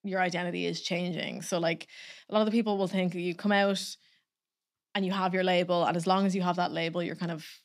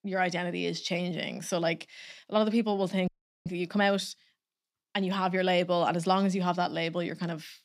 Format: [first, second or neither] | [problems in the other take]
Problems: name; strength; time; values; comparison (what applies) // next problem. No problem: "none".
first | audio freezing; at 3 s